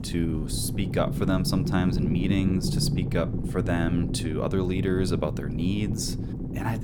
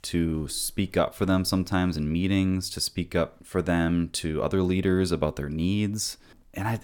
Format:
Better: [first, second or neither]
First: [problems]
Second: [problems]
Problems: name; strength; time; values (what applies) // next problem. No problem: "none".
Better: second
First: low rumble; loud; throughout; 7 dB below the speech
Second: none